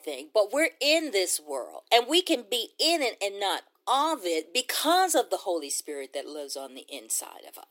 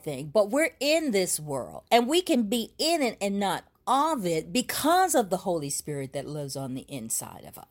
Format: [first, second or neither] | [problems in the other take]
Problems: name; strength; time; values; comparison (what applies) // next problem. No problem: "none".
second | thin; somewhat; fading below 300 Hz